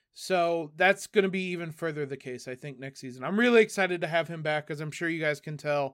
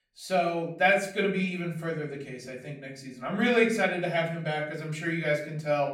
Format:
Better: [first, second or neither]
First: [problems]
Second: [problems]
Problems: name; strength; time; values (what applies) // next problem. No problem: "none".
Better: first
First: none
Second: off-mic speech; far // room echo; slight; dies away in 0.5 s